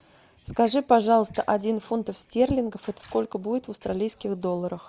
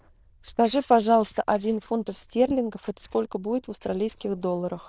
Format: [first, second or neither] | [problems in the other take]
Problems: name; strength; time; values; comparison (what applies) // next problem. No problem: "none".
first | noise reduction (neural diffusion model UNIVERSE++)